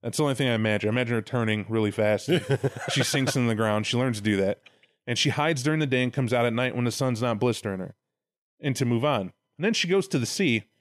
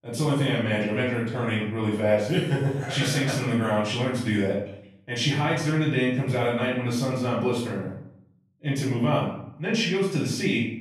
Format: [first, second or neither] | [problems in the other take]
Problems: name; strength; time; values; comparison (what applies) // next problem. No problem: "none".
first | room echo; noticeable; dies away in 0.6 s // off-mic speech; far